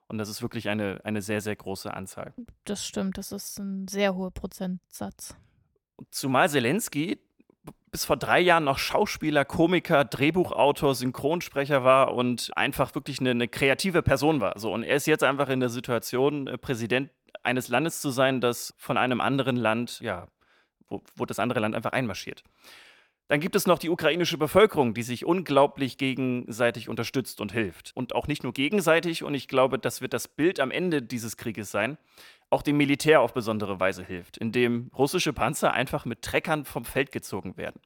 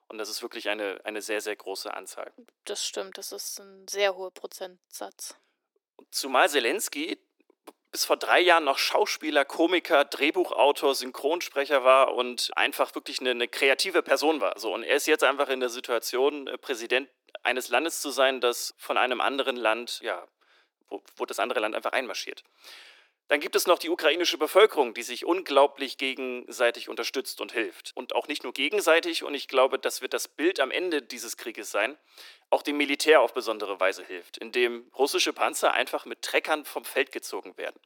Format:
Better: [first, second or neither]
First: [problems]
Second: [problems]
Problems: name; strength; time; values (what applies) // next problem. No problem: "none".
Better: first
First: none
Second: thin; somewhat; fading below 300 Hz